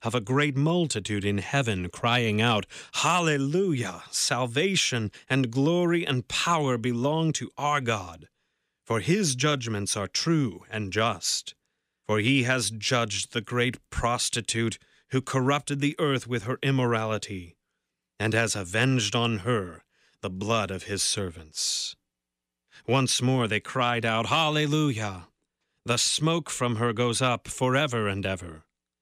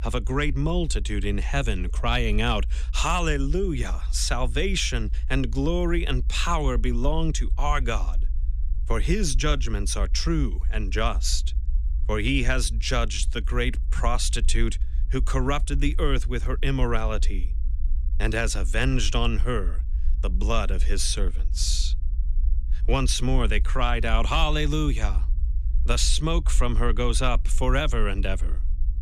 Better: first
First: none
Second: low rumble; faint; throughout; 25 dB below the speech

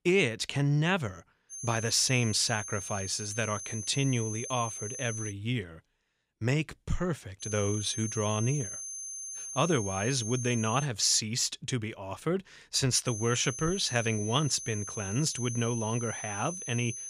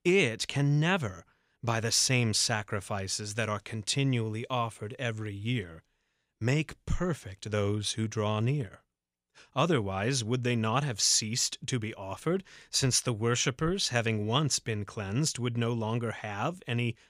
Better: second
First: high-pitched whine; loud; from 1.5 to 5.5 s, from 7.5 to 11 s and from 13 s on; 6.5 kHz, 7 dB below the speech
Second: none

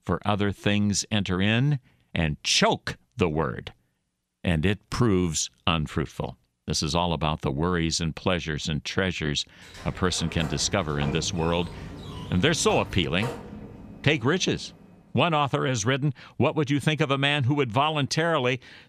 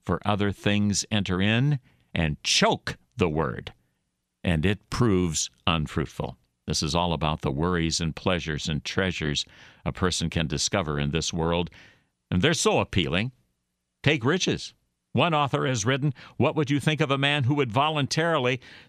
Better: second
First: door banging; faint; from 9.5 to 15 s; peak 10 dB below the speech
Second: none

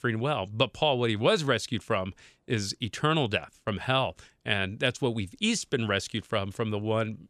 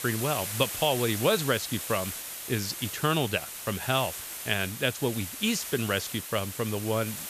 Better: first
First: none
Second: hiss; loud; throughout; 6 dB below the speech

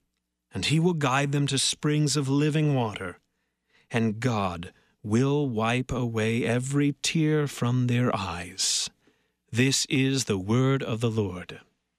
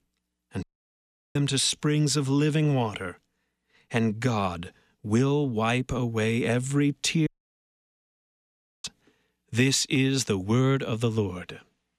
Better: first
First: none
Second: audio cutting out; at 0.5 s for 0.5 s and at 7.5 s for 1.5 s

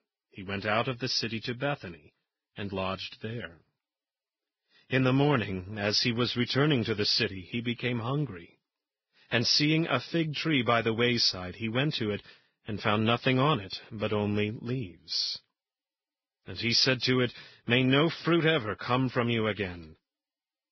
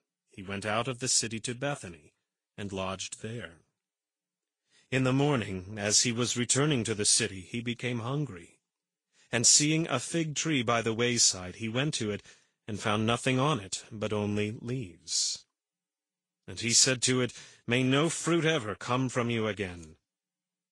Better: second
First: garbled, watery; badly; nothing above 5.5 kHz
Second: garbled, watery; slightly

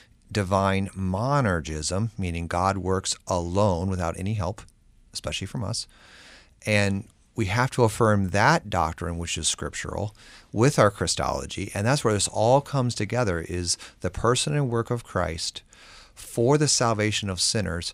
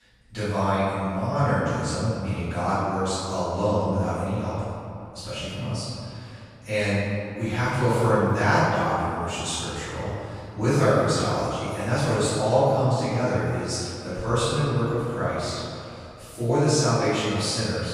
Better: first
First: none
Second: off-mic speech; far // room echo; strong; dies away in 2.5 s

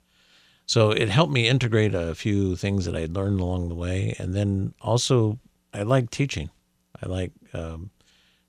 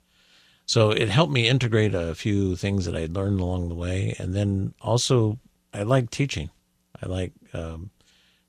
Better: first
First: none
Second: garbled, watery; slightly; nothing above 15 kHz

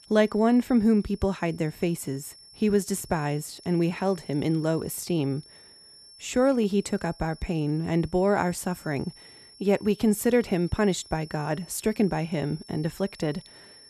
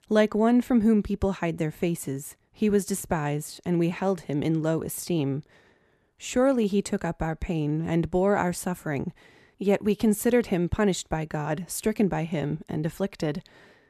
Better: second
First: high-pitched whine; faint; throughout; 5.5 kHz, 20 dB below the speech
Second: none

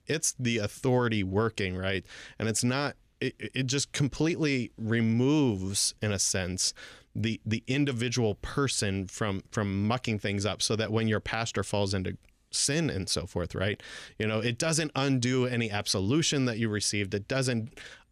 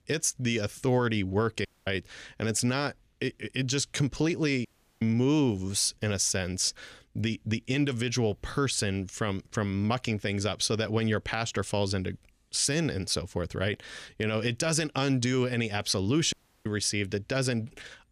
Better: first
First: none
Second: audio cutting out; at 1.5 s, at 4.5 s and at 16 s

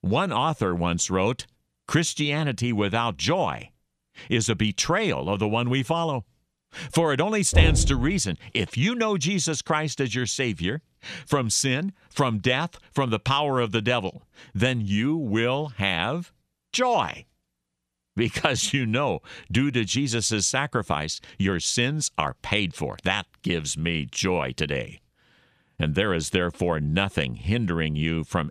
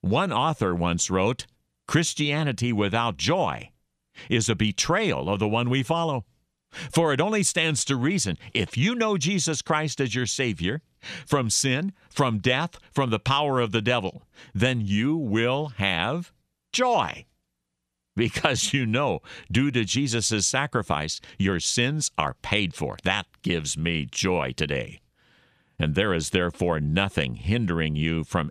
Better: second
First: door banging; loud; at 7.5 s; peak 4 dB above the speech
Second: none

